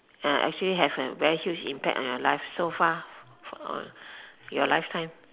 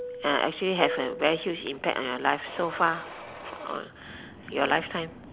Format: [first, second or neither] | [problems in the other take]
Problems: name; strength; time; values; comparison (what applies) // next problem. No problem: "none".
first | background sound (Mechanisms + Fixed-wing aircraft, airplane); 12 dB below the speech